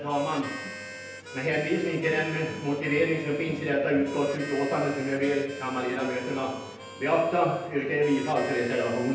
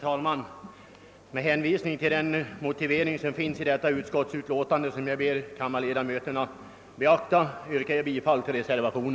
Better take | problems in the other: second | background sound (Harmonica); 14 dB below the speech // room echo; dies away in 0.9 s

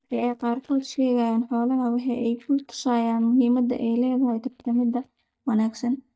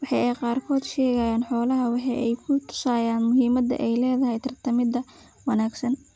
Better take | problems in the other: second | noise reduction (neural mask model DeepFilterNet 3)

